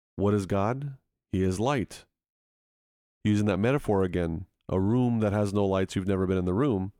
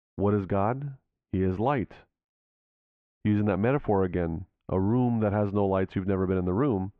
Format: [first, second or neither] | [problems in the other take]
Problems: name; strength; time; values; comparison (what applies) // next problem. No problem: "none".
first | muffled; very; fading above 2.5 kHz